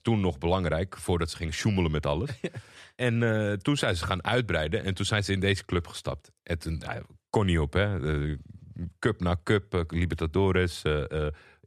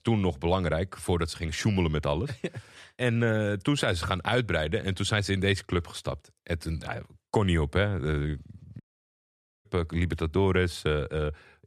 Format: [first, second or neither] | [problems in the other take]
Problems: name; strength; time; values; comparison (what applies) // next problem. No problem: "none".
first | audio cutting out; at 9 s for 1 s